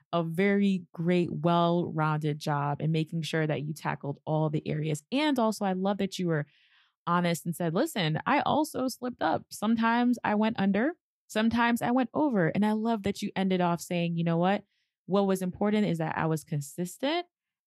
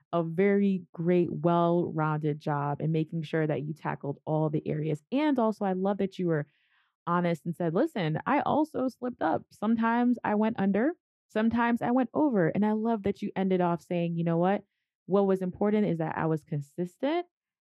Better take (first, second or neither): first